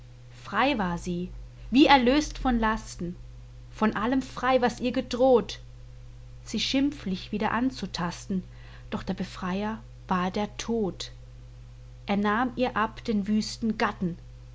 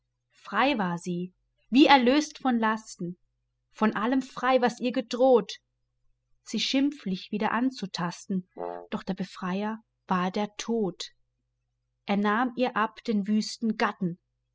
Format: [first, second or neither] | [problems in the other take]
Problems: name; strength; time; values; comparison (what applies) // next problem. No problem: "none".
first | noise reduction (classical method spectral subtraction)